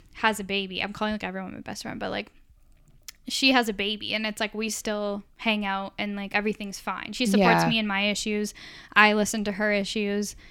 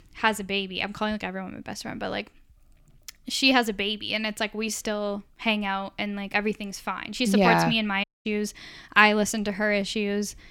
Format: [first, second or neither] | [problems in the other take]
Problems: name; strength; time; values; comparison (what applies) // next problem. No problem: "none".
first | audio cutting out; at 8 s